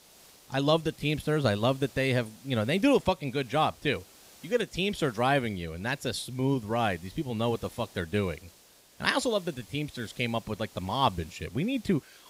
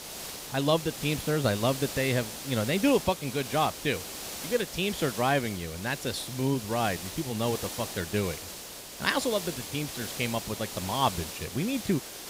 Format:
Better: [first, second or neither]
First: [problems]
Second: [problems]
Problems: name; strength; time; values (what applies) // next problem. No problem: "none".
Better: first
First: hiss; faint; throughout; 25 dB below the speech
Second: hiss; loud; throughout; 8 dB below the speech